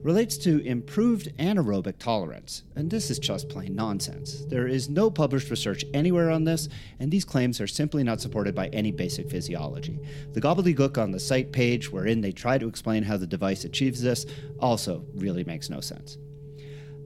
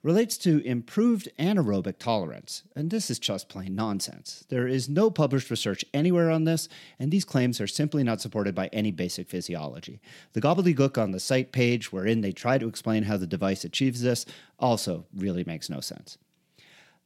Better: second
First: low rumble; noticeable; throughout; 15 dB below the speech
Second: none

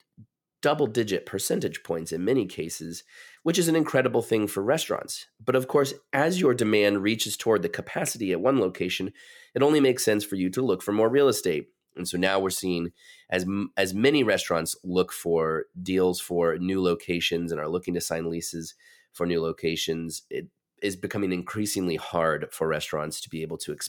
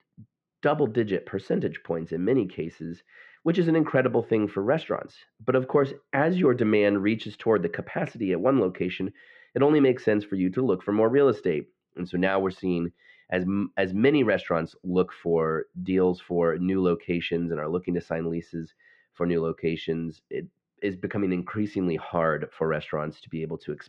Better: first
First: none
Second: muffled; very; fading above 2.5 kHz

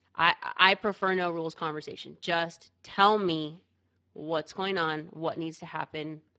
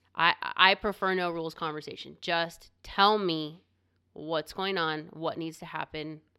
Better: second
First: garbled, watery; badly; nothing above 7.5 kHz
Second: none

